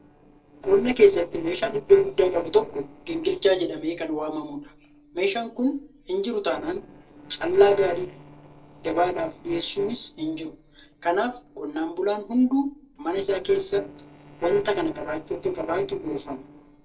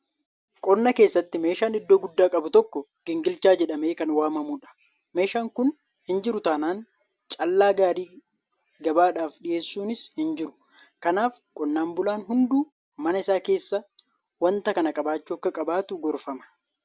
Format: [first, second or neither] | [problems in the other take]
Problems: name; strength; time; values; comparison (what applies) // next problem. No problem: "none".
second | noise reduction (neural separator model SepFormer DNS4)